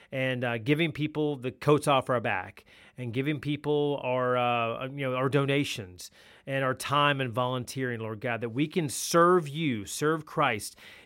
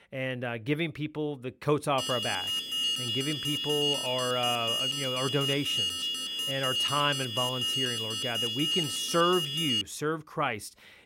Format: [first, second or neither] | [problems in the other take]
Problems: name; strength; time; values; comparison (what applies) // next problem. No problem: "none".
first | alarm; loud; from 2 to 10 s; peak 5 dB above the speech